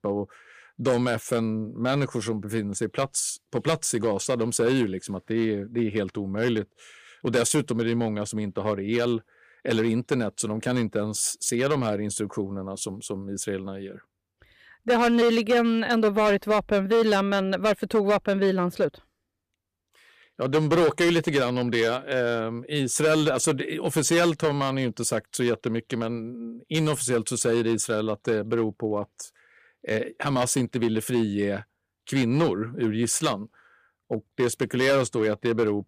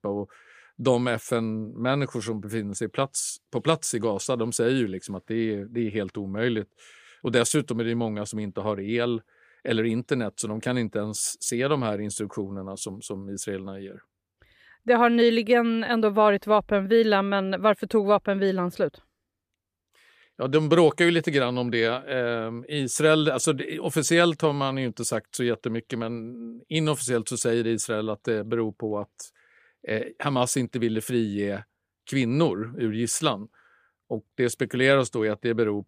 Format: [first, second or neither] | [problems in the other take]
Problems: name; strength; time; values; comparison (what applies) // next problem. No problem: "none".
second | distortion; slight; 5% of the sound clipped